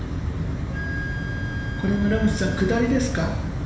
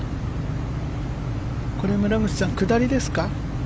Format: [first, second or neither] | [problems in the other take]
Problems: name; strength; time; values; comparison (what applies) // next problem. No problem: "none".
second | background sound (Wind instrument, woodwind instrument); 15 dB below the speech // room echo; dies away in 1.1 s